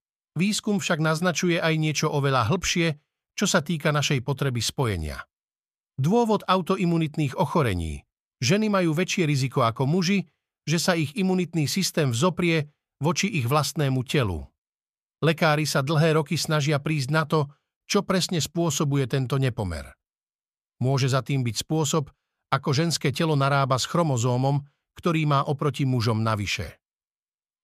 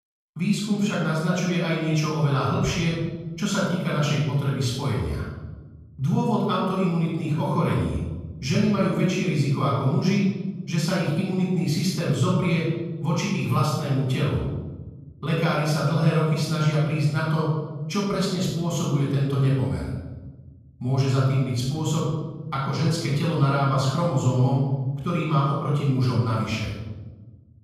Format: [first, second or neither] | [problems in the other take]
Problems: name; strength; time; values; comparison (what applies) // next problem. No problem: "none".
first | off-mic speech; far // room echo; noticeable; dies away in 1.4 s